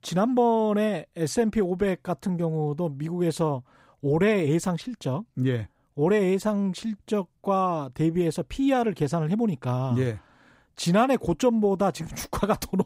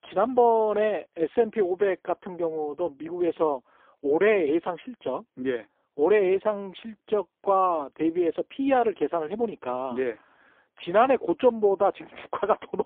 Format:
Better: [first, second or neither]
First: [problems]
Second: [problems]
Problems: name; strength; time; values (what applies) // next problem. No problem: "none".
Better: first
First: none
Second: phone-call audio; poor line